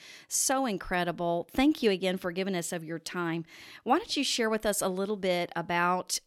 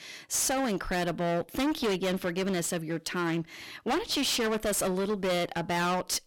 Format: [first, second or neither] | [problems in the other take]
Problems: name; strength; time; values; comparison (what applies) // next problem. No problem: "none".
first | distortion; heavy; 25% of the sound clipped